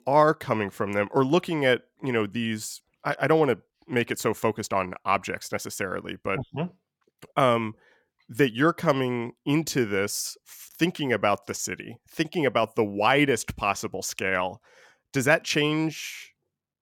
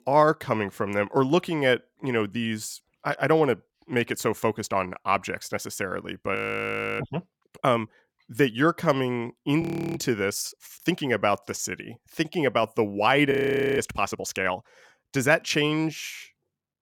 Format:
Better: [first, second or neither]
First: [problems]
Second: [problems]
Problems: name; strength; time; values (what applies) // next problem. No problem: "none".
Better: first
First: none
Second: audio freezing; at 6.5 s for 0.5 s, at 9.5 s and at 13 s